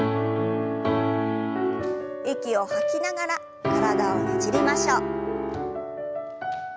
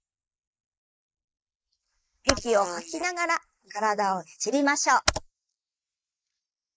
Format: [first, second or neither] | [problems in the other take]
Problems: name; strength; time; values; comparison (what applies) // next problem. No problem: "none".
first | noise reduction (neural mask model Resemble Enhance denoiser)